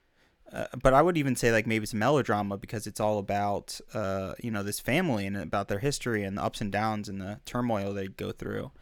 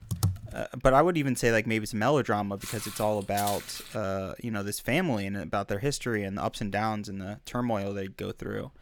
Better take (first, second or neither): first